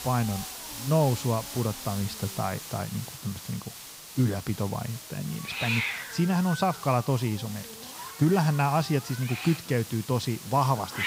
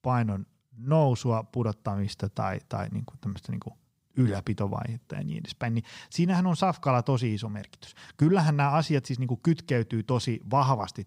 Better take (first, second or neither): second